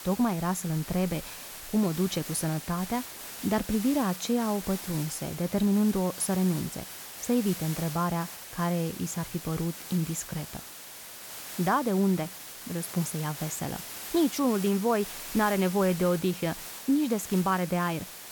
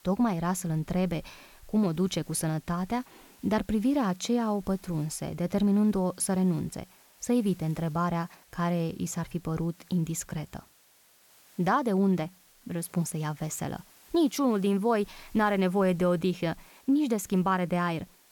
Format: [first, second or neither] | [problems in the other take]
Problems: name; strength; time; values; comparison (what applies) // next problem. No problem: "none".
second | hiss; loud; throughout; 10 dB below the speech; faint in the second